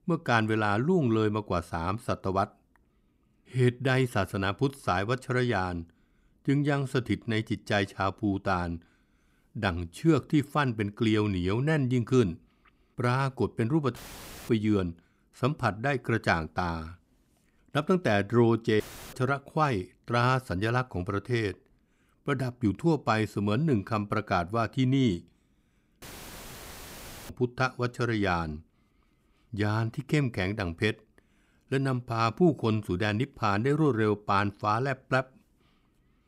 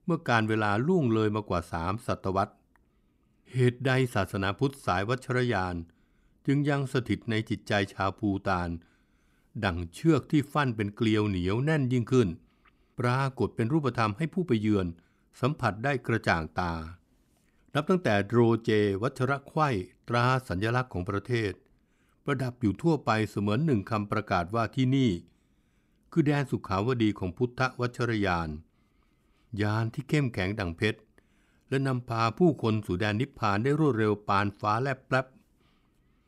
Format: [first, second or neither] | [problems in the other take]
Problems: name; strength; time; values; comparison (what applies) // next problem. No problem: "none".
second | audio cutting out; filled with static; at 14 s for 0.5 s, at 19 s and at 26 s for 1.5 s